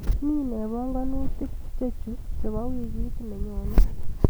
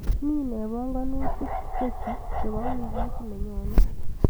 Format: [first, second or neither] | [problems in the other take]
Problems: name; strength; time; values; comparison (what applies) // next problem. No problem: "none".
first | background sound (Bark); 11 dB below the speech